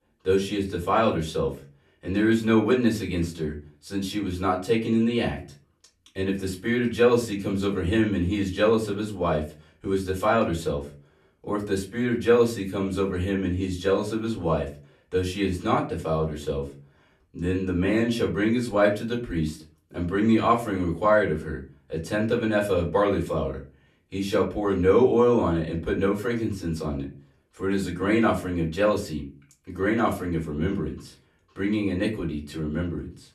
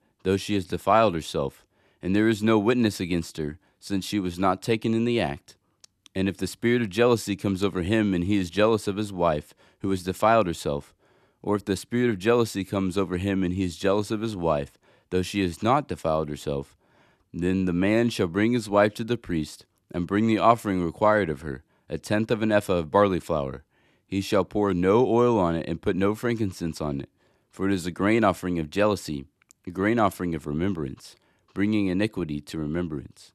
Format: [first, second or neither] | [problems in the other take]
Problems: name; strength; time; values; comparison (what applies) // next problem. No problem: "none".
second | off-mic speech; far // room echo; very slight; dies away in 0.3 s